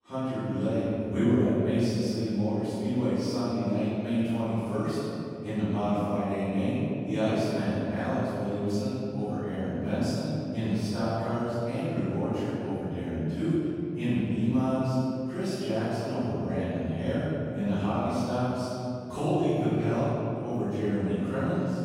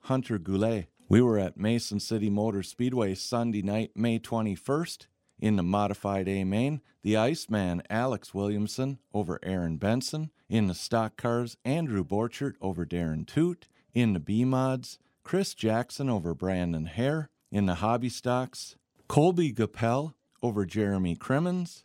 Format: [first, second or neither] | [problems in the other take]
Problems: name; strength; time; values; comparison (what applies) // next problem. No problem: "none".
second | room echo; strong; dies away in 2.7 s // off-mic speech; far